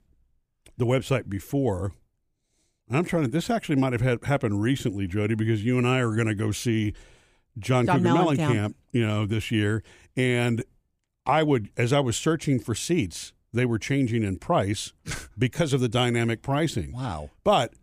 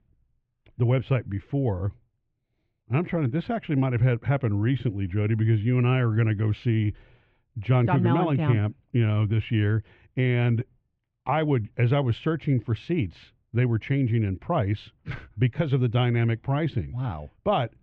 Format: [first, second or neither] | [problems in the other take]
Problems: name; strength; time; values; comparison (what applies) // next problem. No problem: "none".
first | muffled; very; fading above 3 kHz